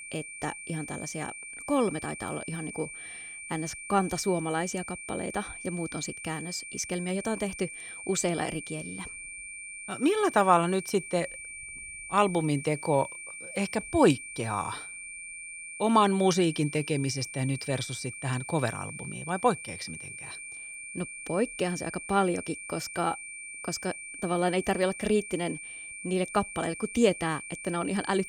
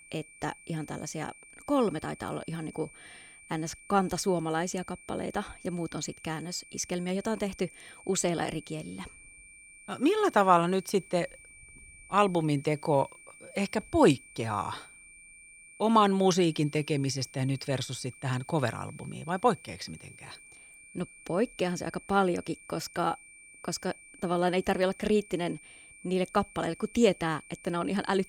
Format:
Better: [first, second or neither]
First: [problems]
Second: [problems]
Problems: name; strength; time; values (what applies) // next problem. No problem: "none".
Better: second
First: high-pitched whine; loud; throughout; 2.5 kHz, 10 dB below the speech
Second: high-pitched whine; faint; throughout; 2.5 kHz, 20 dB below the speech